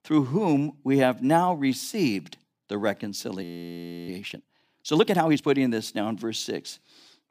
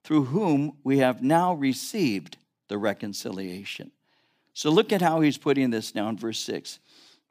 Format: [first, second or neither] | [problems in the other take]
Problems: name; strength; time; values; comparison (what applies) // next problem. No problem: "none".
second | audio freezing; at 3.5 s for 0.5 s